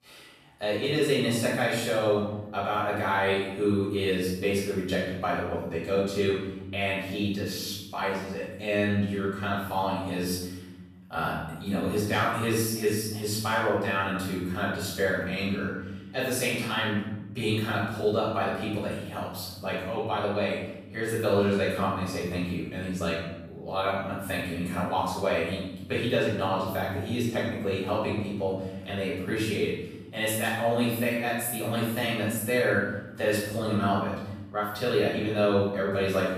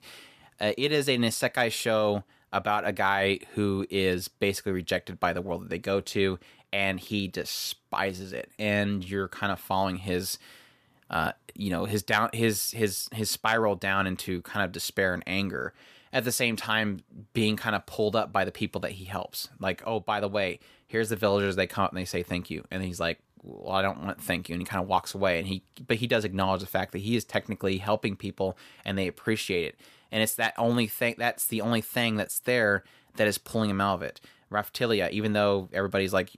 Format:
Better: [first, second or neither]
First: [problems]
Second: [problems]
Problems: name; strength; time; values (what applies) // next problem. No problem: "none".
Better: second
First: off-mic speech; far // room echo; strong; dies away in 1.1 s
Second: none